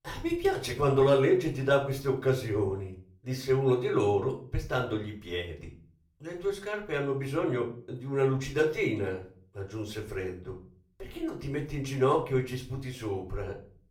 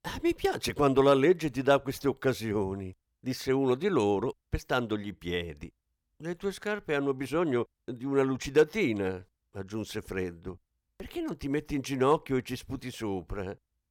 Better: second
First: off-mic speech; far // room echo; slight; dies away in 0.4 s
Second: none

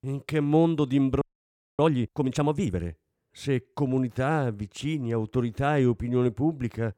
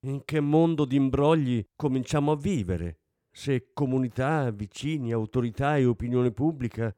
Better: second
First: audio freezing; at 1 s for 0.5 s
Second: none

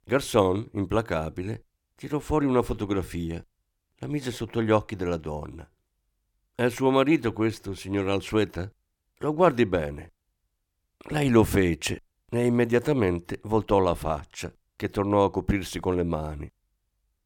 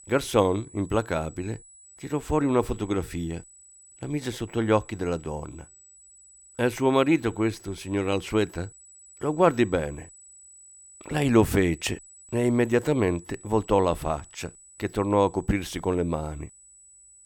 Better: first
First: none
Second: high-pitched whine; faint; throughout; 8 kHz, 25 dB below the speech

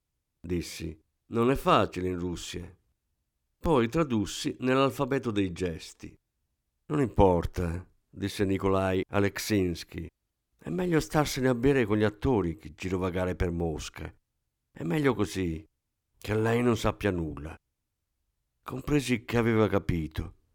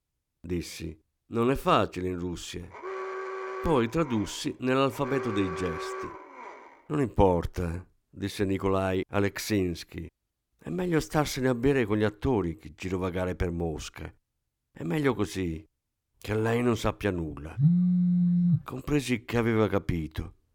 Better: first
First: none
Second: alarm; noticeable; from 2.5 to 6.5 s; peak 6 dB below the speech // phone ringing; loud; from 18 to 19 s; peak 6 dB above the speech

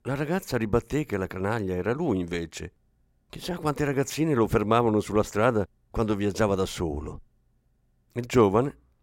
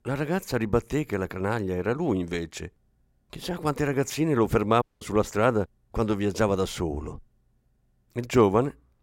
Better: first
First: none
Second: audio cutting out; at 5 s

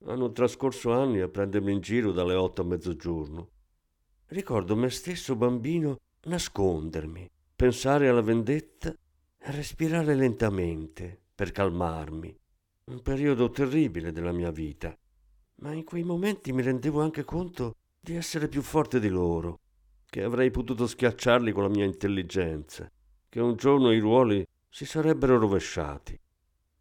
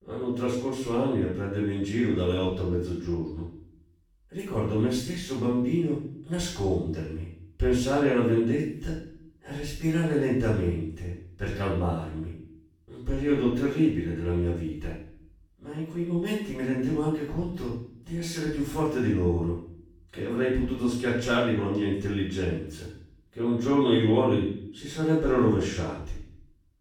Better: first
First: none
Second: off-mic speech; far // room echo; noticeable; dies away in 0.6 s

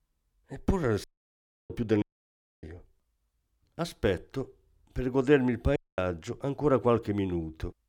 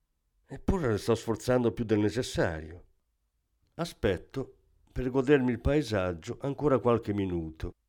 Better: second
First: audio cutting out; at 1 s for 0.5 s, at 2 s for 0.5 s and at 6 s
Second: none

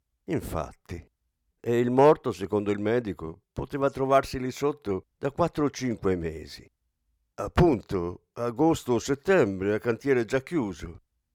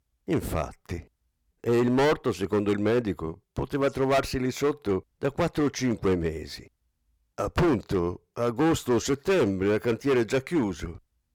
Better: first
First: none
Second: distortion; heavy; 9% of the sound clipped

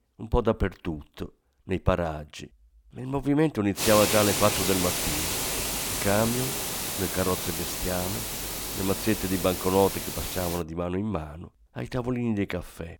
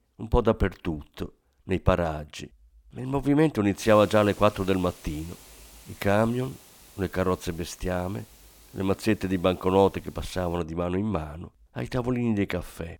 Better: second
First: hiss; loud; from 4 to 11 s; as loud as the speech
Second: hiss; faint; from 4 to 11 s; 25 dB below the speech

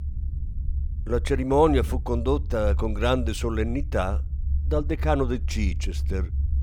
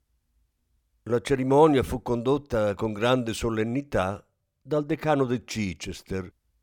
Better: second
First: low rumble; faint; throughout; 20 dB below the speech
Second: none

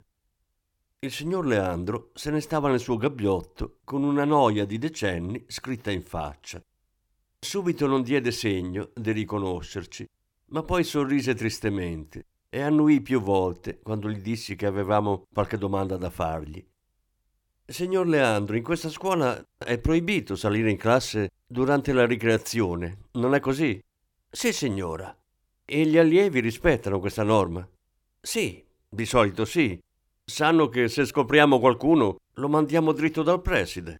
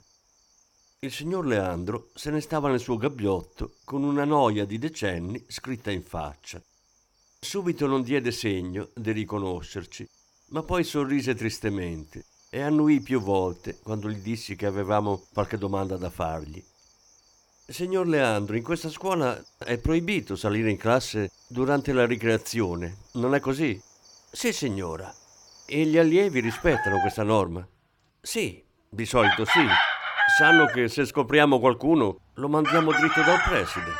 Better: first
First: none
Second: animal sounds; very loud; throughout; 4 dB above the speech

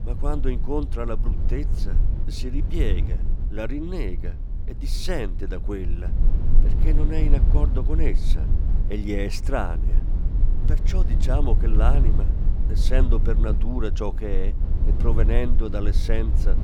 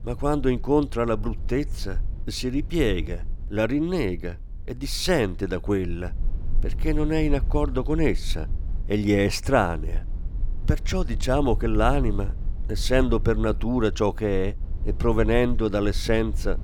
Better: second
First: low rumble; loud; throughout; 9 dB below the speech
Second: low rumble; faint; throughout; 25 dB below the speech

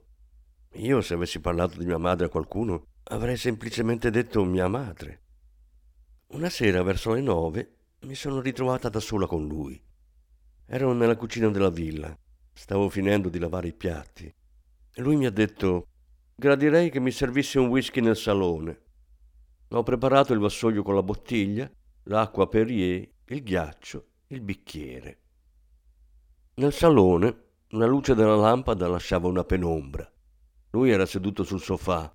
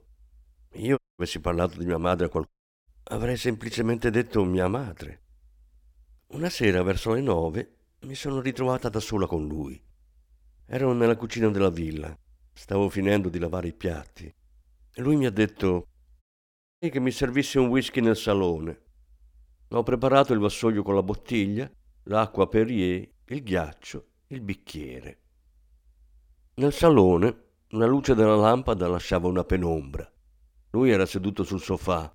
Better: first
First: none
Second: audio cutting out; at 1 s, at 2.5 s and at 16 s for 0.5 s

